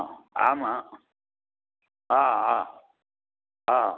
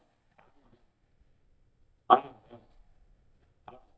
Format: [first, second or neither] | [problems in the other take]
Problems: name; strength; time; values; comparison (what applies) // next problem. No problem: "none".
first | noise reduction (neural mask model DeepFilterNet 3)